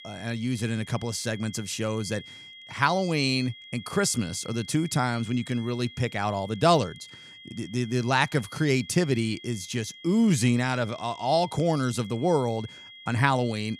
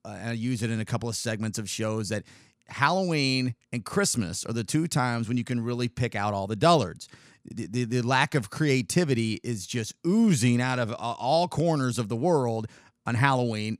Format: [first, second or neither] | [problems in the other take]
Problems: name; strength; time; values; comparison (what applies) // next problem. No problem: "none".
second | high-pitched whine; noticeable; throughout; 3.5 kHz, 20 dB below the speech